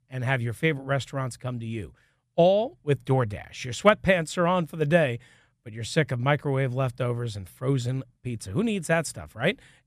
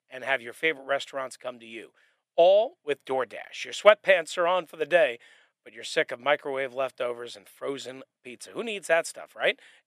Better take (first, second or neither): first